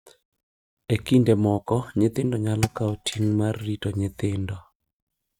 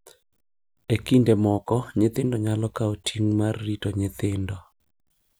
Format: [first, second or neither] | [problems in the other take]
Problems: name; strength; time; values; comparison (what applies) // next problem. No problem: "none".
second | noise reduction (neural mask model RNNoise)